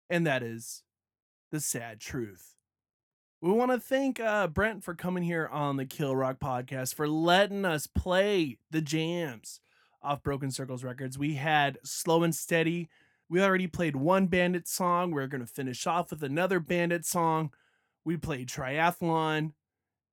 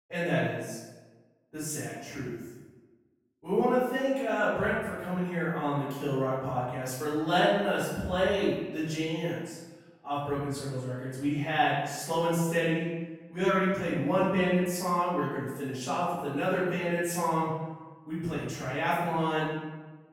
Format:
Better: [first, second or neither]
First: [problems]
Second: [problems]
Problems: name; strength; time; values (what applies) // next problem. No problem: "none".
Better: first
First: none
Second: off-mic speech; far // room echo; strong; dies away in 1 s